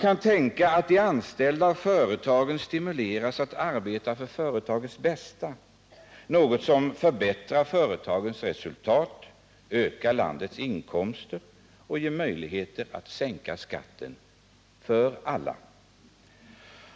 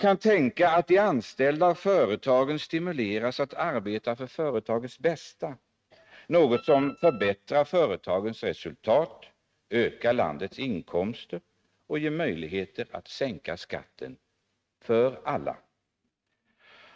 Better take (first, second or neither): first